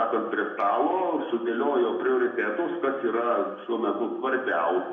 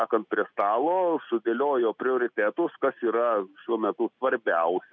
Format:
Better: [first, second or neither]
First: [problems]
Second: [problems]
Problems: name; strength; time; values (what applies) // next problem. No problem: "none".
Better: second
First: room echo; dies away in 0.9 s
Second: none